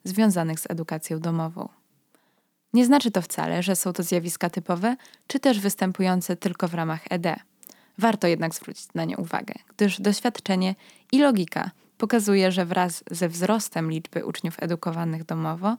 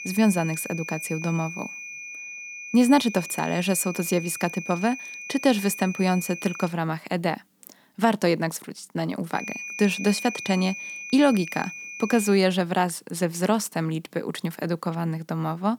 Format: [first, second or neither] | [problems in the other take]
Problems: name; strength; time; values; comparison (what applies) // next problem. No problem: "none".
first | high-pitched whine; loud; until 6.5 s and from 9.5 to 12 s; 2.5 kHz, 10 dB below the speech